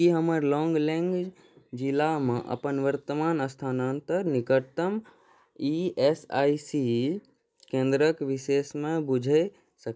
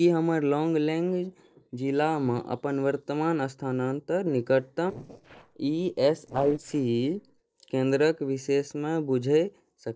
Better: first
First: none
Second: noise reduction (neural separator model SepFormer DNS4)

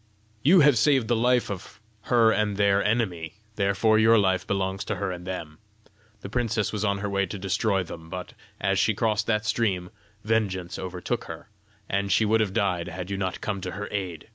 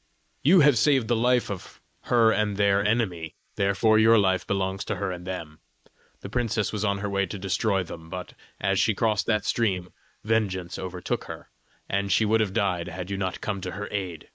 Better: first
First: none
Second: noise reduction (neural mask model Resemble Enhance denoiser)

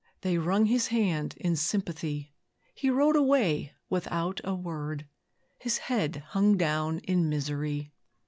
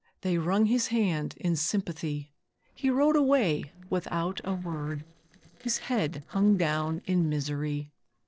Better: first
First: none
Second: noise reduction (neural separator model SepFormer DNS4)

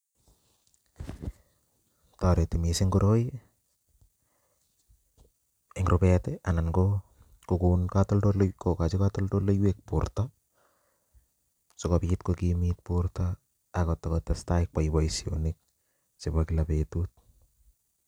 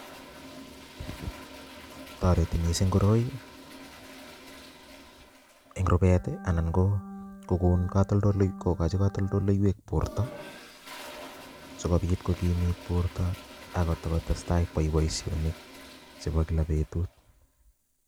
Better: first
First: none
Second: background sound (Organ + Toilet flush); 17 dB below the speech

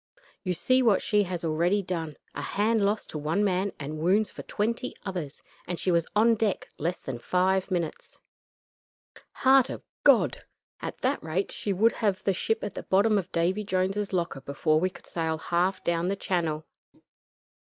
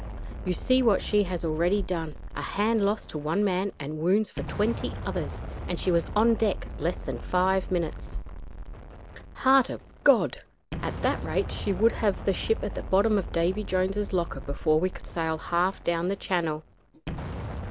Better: first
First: none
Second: background sound (Explosion); 9 dB below the speech

